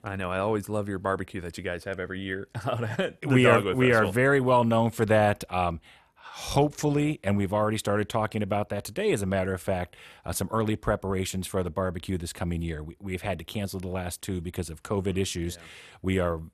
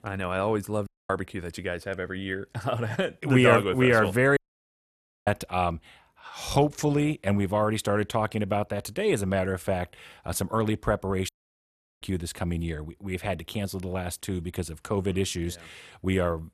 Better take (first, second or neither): first